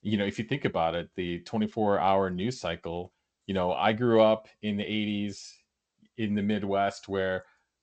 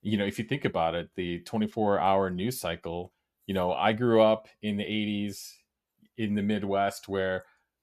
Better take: second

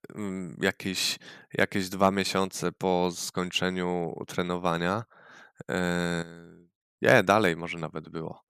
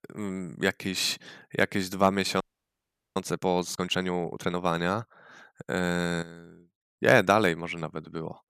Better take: first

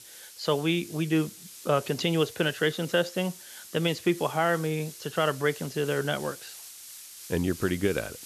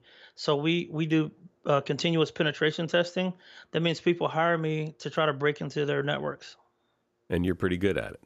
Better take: second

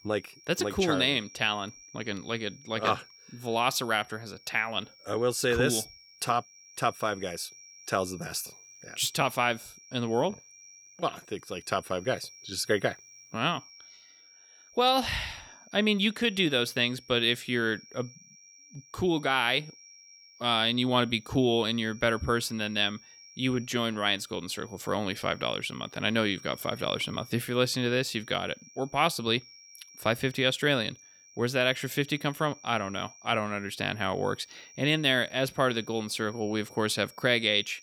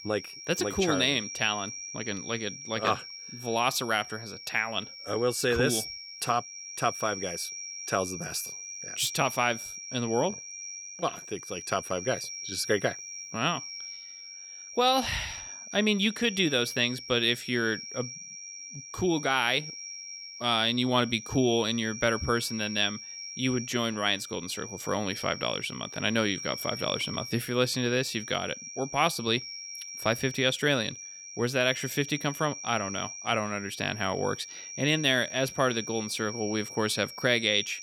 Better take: first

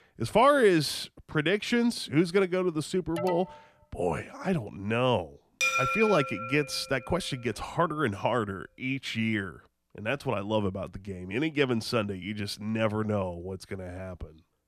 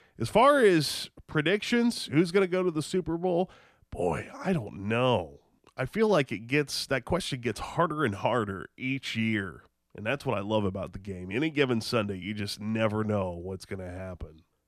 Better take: second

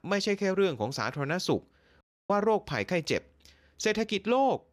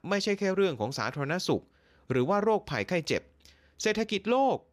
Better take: second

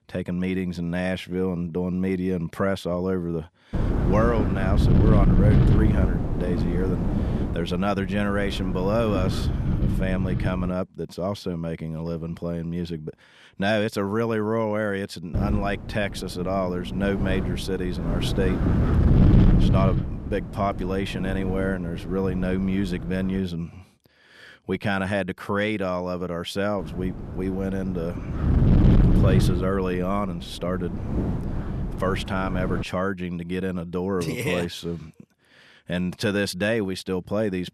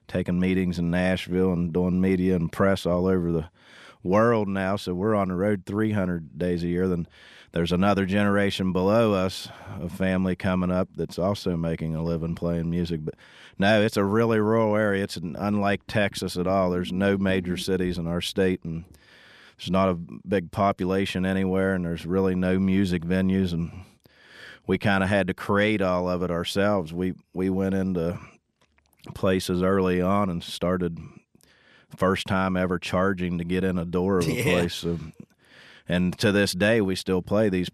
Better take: second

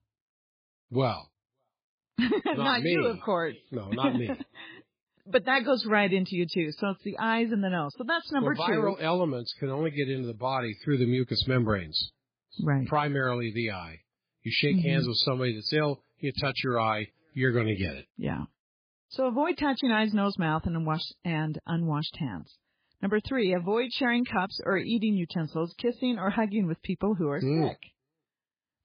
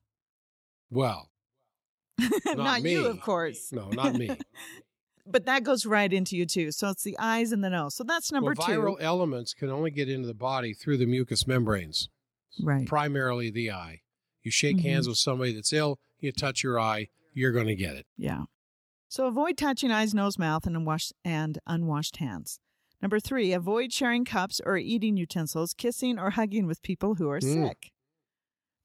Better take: second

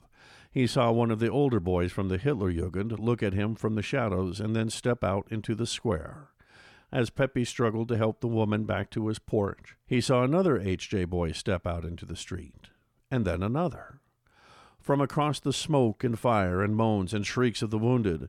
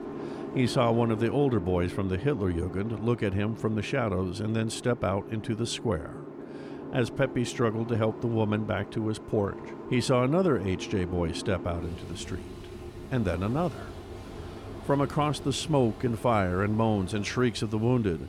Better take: first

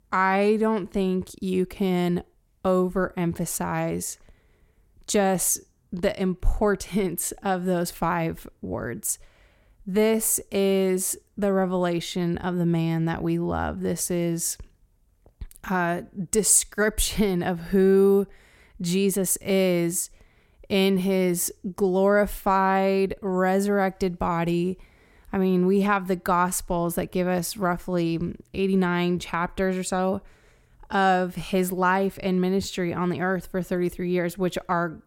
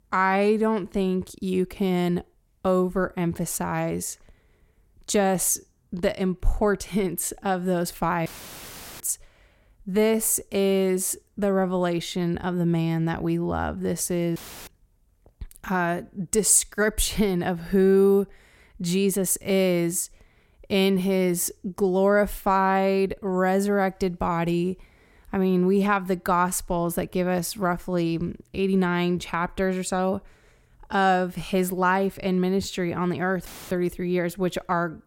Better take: first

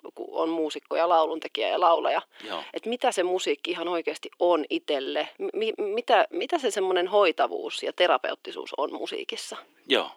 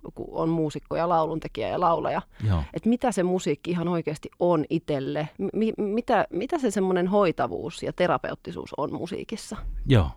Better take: second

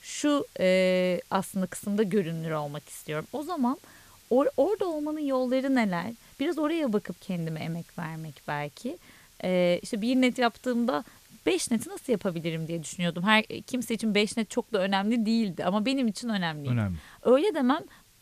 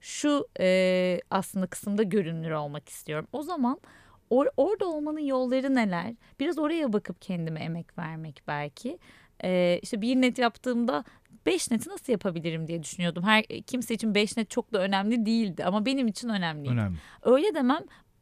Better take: second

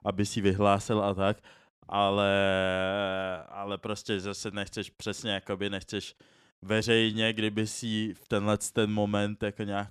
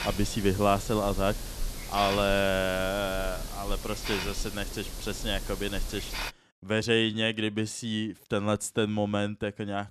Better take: first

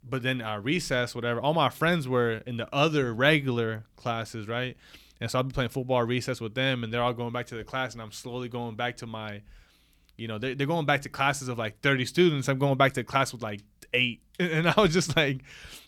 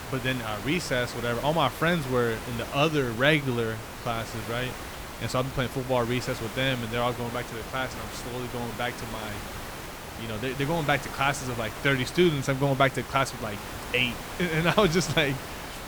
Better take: first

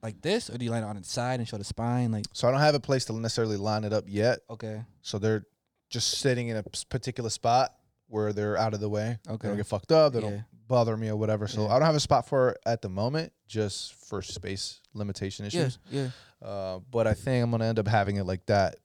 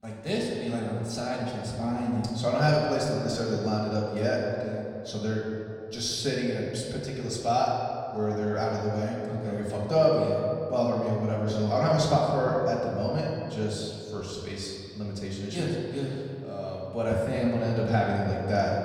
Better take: first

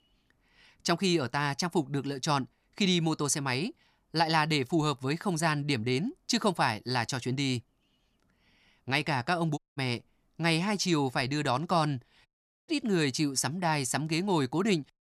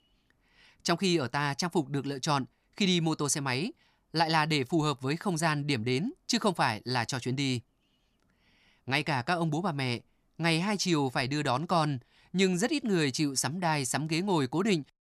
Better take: second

